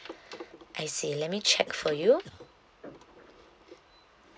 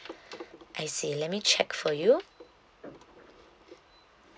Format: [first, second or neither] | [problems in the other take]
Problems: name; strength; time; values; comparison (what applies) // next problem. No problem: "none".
second | background sound (Cough); 18 dB below the speech